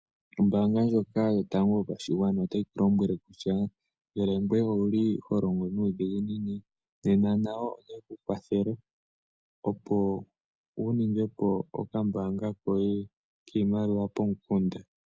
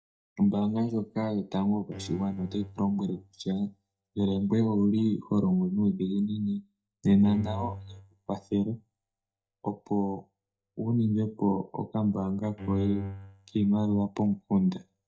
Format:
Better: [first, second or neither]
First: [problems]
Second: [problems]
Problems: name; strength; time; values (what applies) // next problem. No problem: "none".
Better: first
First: none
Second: noise reduction (neural mask model DeepFilterNet 3)